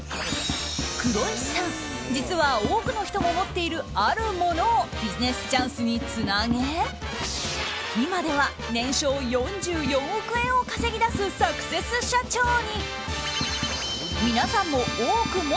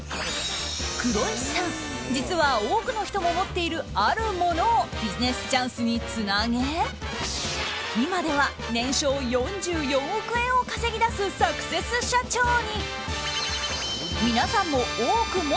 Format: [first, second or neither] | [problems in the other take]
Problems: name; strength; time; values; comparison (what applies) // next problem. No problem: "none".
second | background sound (Tap); 13 dB below the speech